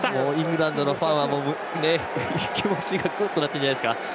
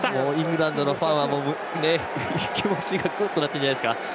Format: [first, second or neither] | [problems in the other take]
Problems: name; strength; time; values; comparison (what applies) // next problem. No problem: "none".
second | background sound (Cowbell); 20 dB below the speech